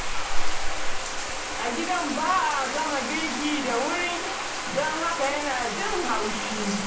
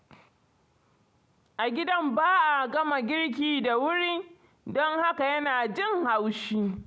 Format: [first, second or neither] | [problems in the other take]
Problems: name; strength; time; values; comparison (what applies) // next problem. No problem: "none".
second | background sound (Bathtub (filling or washing)); 3 dB above the speech // room echo; dies away in 0.6 s